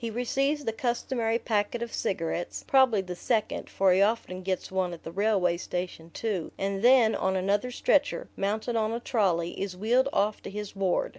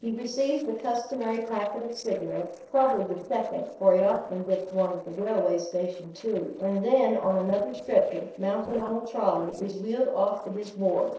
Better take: first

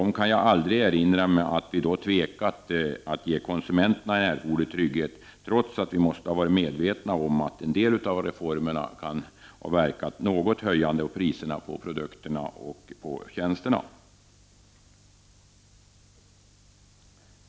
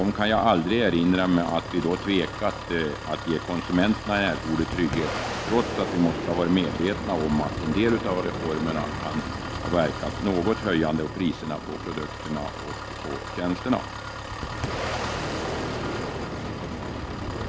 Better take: first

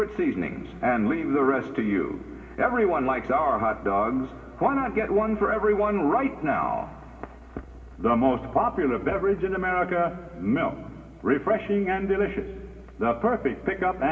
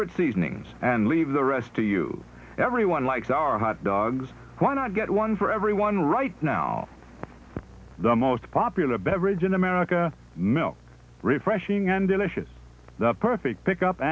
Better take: second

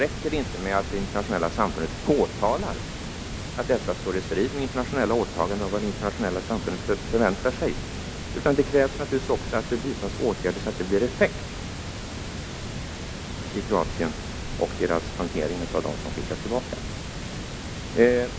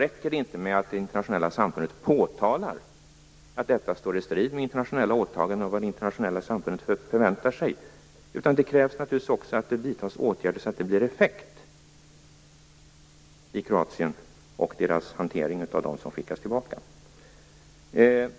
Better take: second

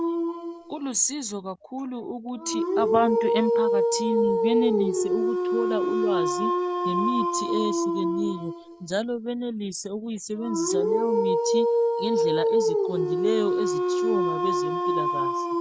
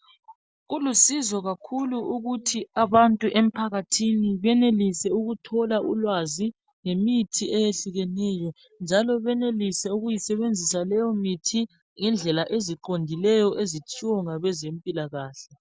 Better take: second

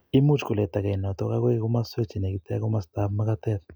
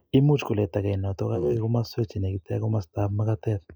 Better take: first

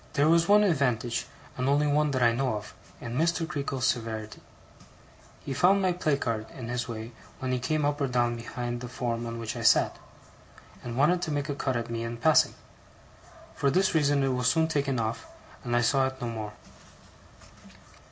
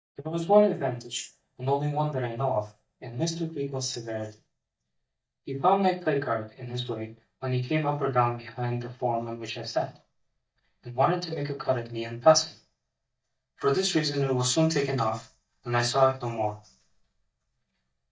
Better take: first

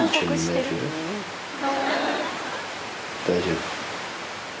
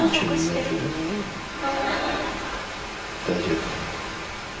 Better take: first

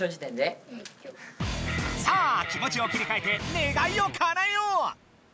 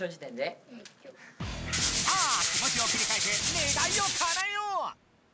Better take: first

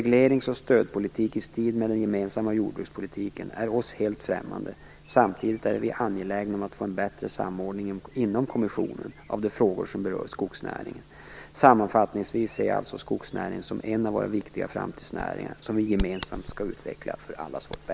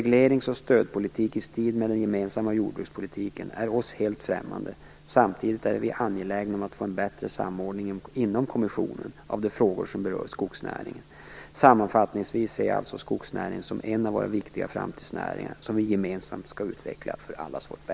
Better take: second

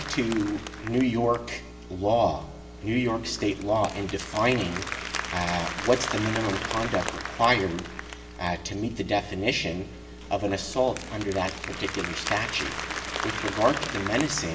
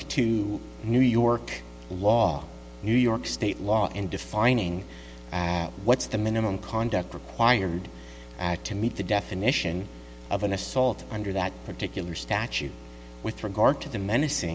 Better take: second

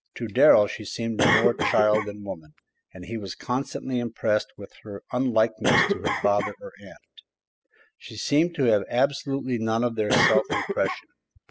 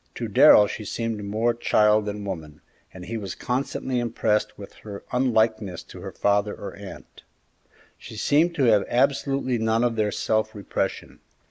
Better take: second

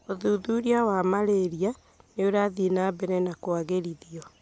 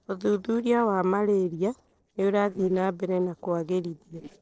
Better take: first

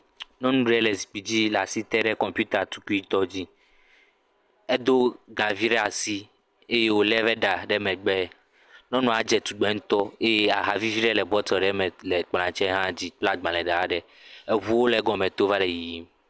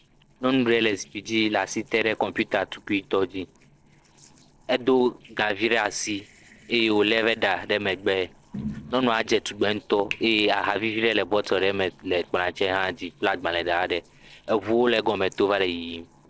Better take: first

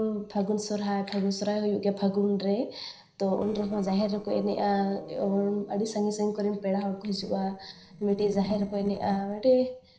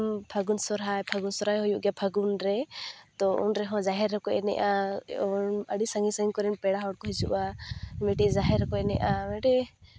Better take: second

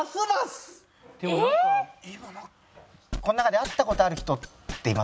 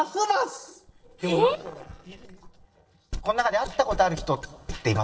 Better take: first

